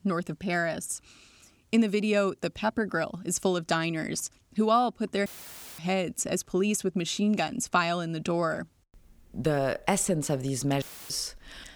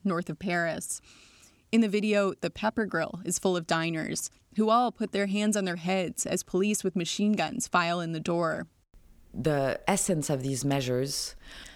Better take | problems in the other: second | audio cutting out; filled with static; at 5.5 s for 0.5 s and at 11 s

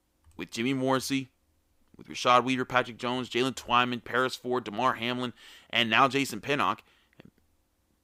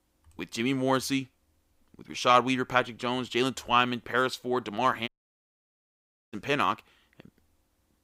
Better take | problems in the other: first | audio cutting out; at 5 s for 1 s

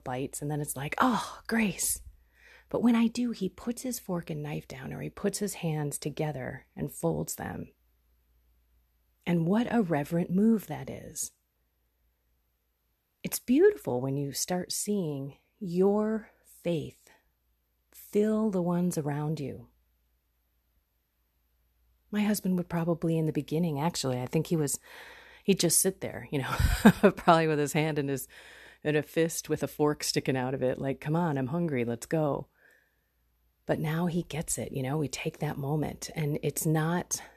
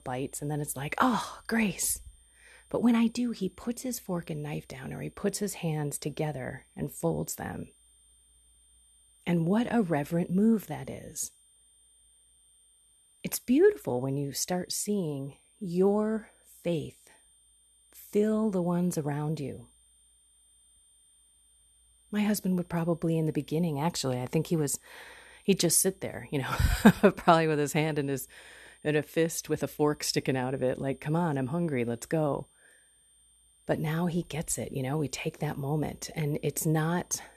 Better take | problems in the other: first | high-pitched whine; faint; throughout; 9 kHz, 30 dB below the speech

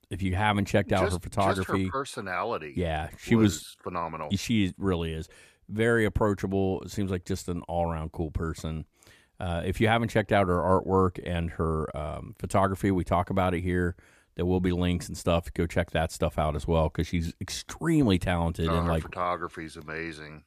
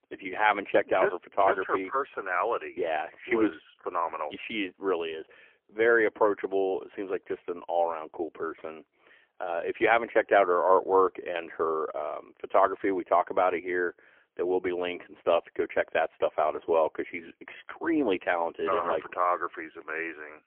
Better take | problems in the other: first | phone-call audio; poor line; nothing above 3.5 kHz

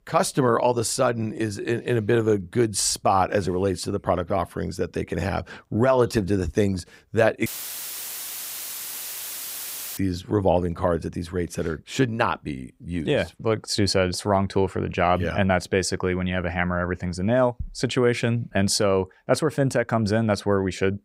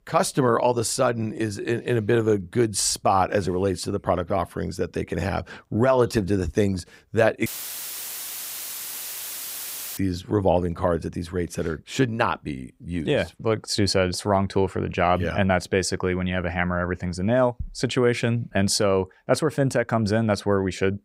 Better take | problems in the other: neither | audio cutting out; filled with static; at 7.5 s for 2.5 s; the same in both

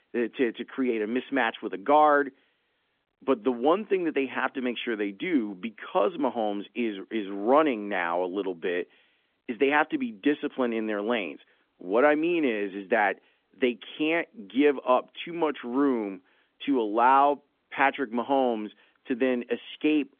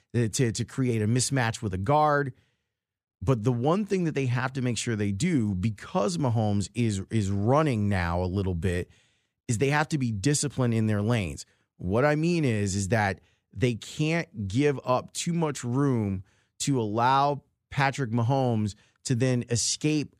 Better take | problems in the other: second | phone-call audio; nothing above 3.5 kHz

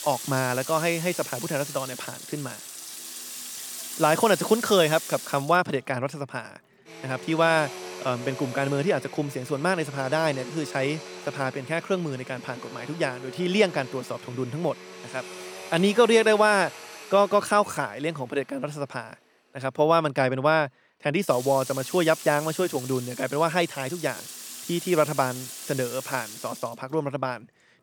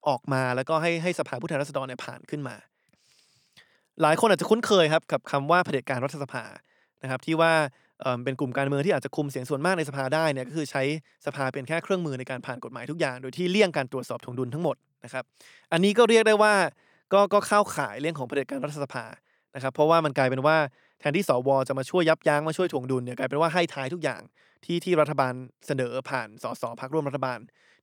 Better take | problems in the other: second | household noises; noticeable; throughout; 10 dB below the speech

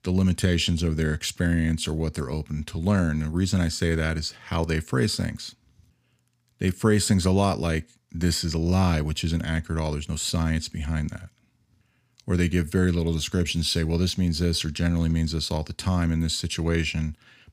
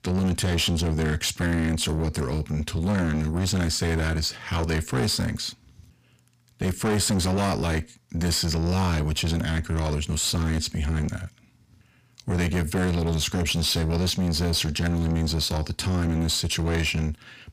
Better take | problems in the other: first | distortion; heavy; 7 dB below the speech

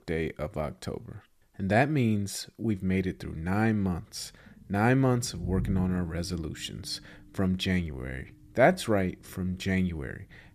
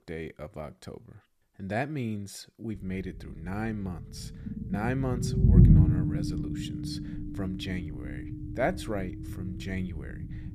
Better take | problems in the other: first | low rumble; loud; from 2.5 s on; as loud as the speech; faint in the first

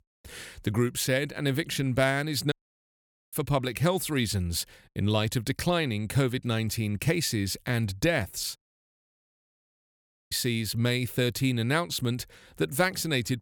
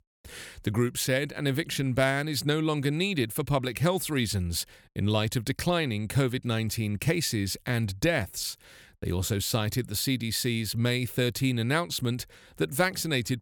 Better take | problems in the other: second | audio cutting out; at 2.5 s for 1 s and at 8.5 s for 2 s

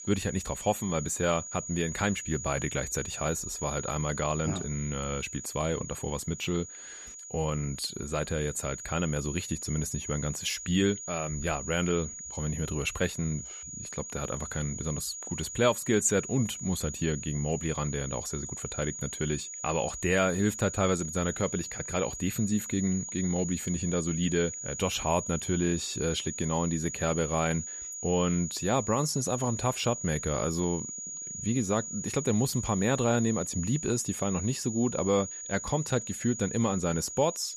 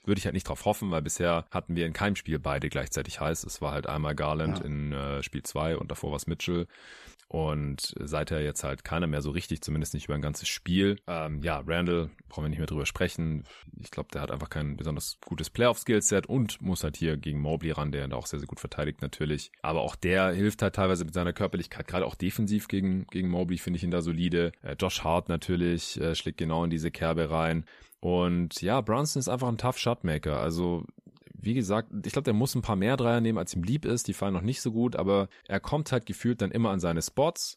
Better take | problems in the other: second | high-pitched whine; loud; throughout; 7 kHz, 7 dB below the speech

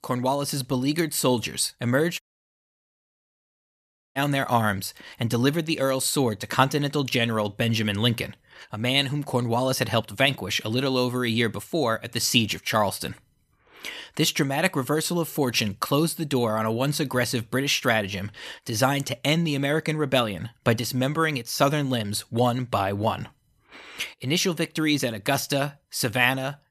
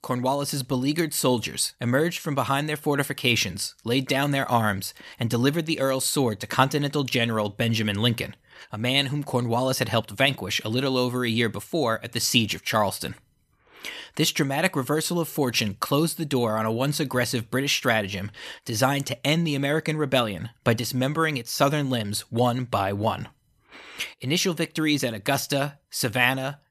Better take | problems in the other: second | audio cutting out; at 2 s for 2 s

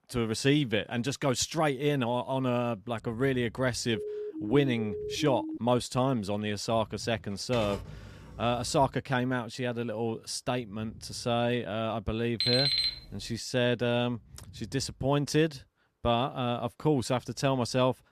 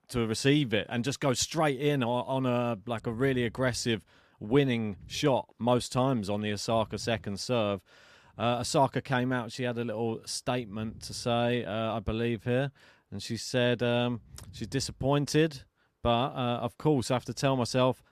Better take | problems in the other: second | siren; noticeable; from 4 to 5.5 s; peak 7 dB below the speech // keyboard typing; noticeable; from 7.5 to 9 s; peak 10 dB below the speech // alarm; loud; at 12 s; peak 5 dB above the speech

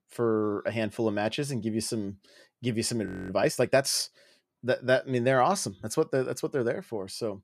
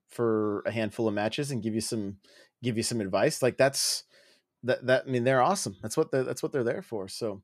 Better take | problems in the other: second | audio freezing; at 3 s

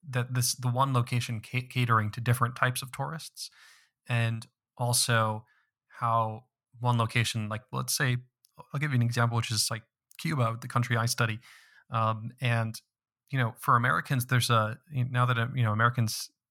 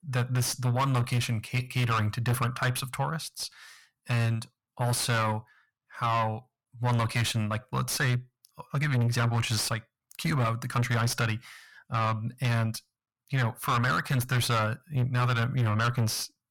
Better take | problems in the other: first | distortion; heavy; 7 dB below the speech

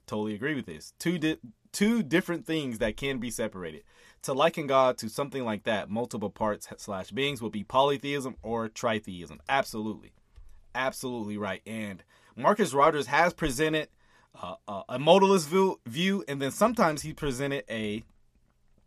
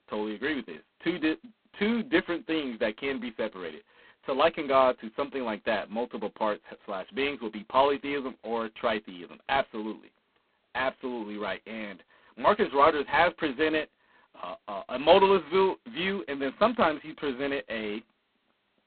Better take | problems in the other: first | phone-call audio; poor line; nothing above 4 kHz

